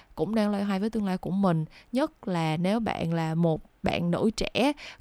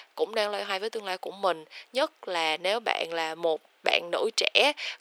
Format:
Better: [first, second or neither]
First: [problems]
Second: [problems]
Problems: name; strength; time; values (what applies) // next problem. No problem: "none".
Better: first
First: none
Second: thin; very; fading below 450 Hz